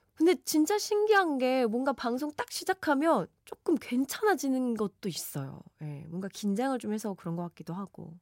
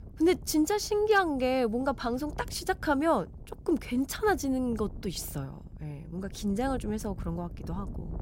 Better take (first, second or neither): first